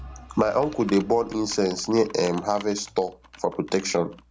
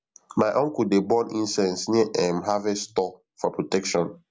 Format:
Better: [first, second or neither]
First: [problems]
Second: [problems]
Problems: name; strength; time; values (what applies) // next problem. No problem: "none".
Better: second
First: background sound (Computer keyboard + Engine / Vehicle); 19 dB below the speech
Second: none